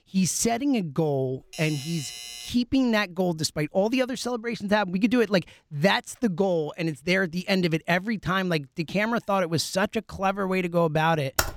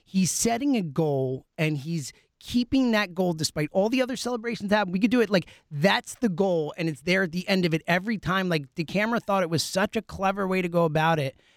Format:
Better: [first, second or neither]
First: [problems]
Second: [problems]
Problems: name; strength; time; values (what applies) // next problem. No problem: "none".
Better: second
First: doorbell; faint; from 1.5 to 2.5 s; peak 10 dB below the speech // keyboard typing; noticeable; at 11 s; peak 2 dB below the speech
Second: none